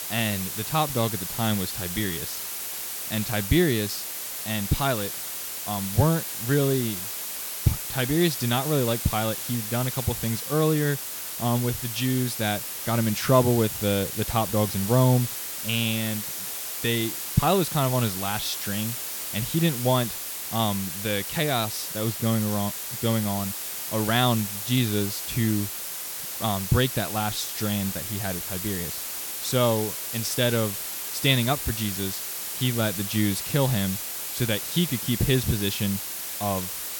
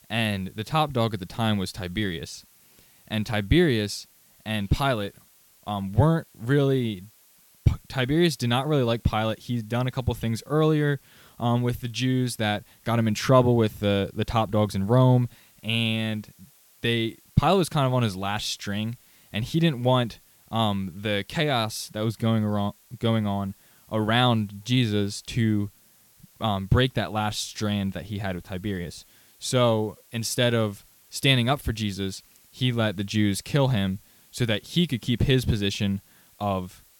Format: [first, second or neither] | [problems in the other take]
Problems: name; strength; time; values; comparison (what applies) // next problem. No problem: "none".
second | hiss; loud; throughout; 4 dB below the speech; faint in the second